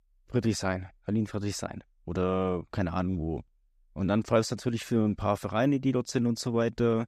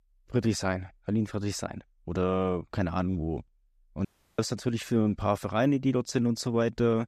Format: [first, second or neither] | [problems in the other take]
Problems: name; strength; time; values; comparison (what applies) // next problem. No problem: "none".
first | audio cutting out; at 4 s